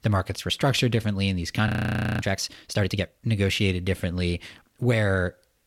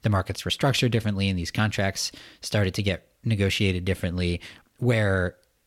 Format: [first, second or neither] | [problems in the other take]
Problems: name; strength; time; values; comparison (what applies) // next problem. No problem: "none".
second | audio freezing; at 1.5 s for 0.5 s